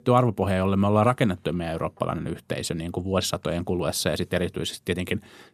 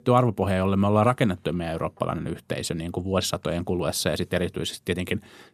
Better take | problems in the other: neither | none

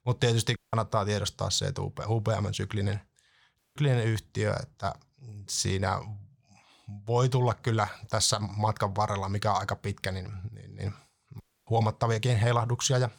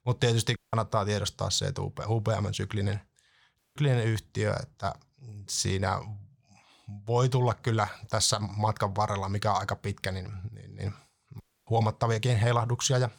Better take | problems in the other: neither | audio cutting out; at 0.5 s, at 3.5 s and at 11 s; the same in both

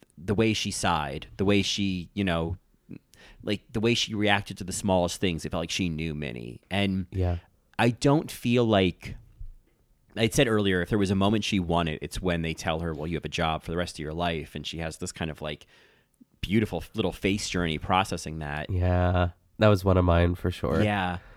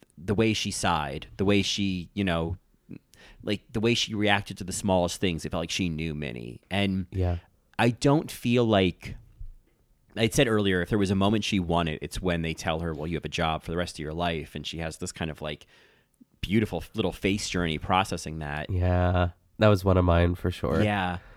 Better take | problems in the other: neither | none

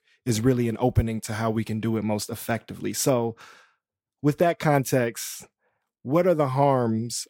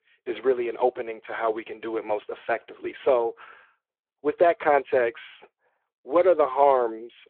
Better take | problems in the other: first | phone-call audio

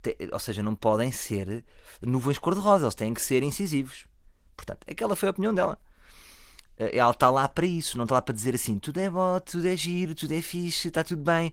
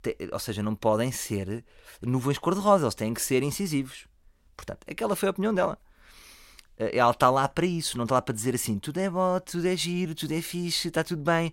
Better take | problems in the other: second | garbled, watery; slightly; nothing above 16 kHz

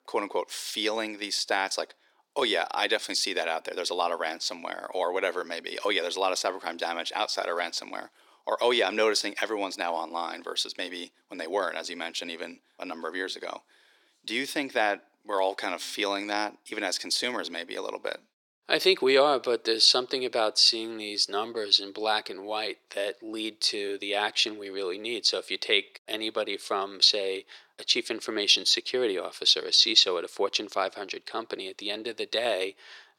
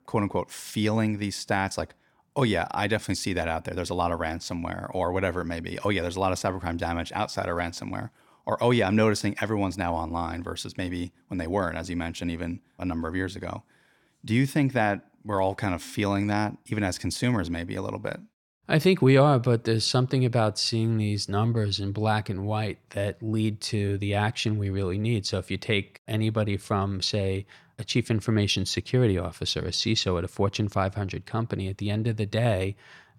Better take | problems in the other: second | thin; very; fading below 400 Hz

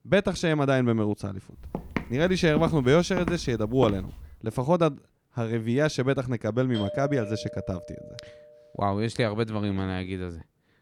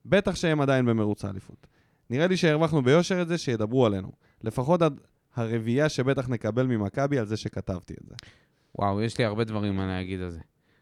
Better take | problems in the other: second | footsteps; noticeable; from 1.5 to 4.5 s; peak 6 dB below the speech // doorbell; noticeable; from 6.5 to 8.5 s; peak 8 dB below the speech

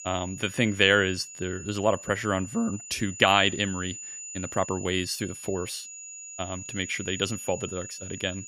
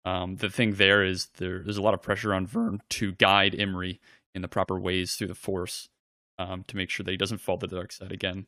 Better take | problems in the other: second | high-pitched whine; noticeable; throughout; 7 kHz, 10 dB below the speech

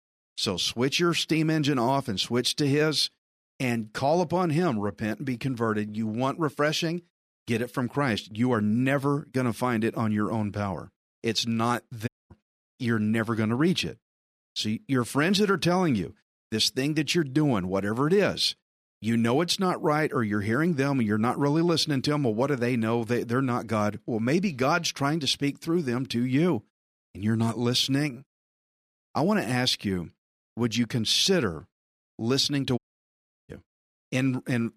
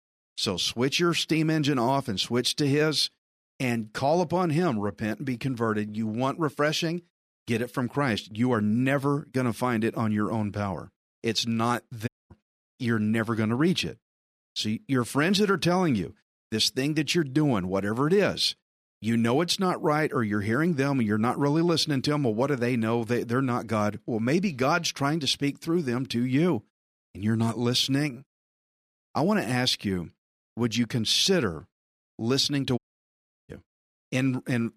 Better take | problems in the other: neither | audio cutting out; at 12 s and at 33 s for 0.5 s; the same in both

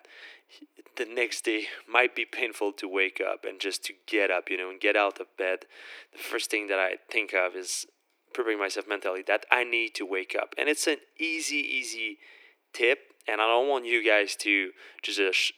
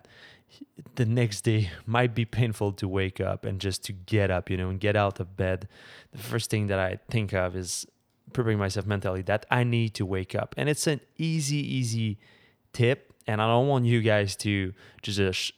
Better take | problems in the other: second | thin; very; fading below 300 Hz

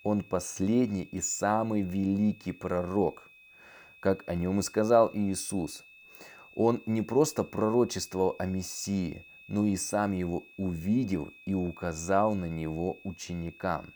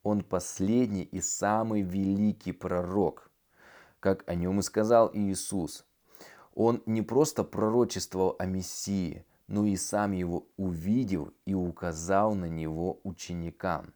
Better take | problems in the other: second | high-pitched whine; faint; throughout; 2.5 kHz, 20 dB below the speech

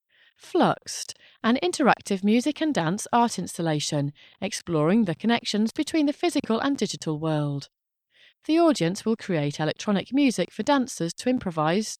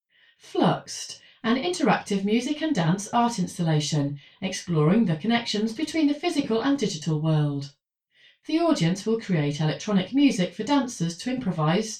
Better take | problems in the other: first | room echo; slight; dies away in 0.2 s // off-mic speech; far

